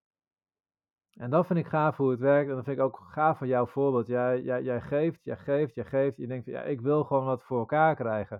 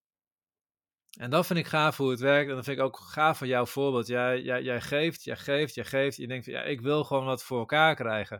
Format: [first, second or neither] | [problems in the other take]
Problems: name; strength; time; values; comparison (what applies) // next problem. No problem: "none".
second | muffled; very; fading above 2 kHz